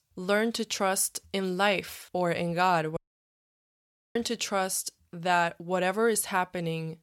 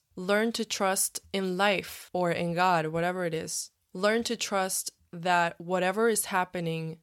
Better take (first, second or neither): second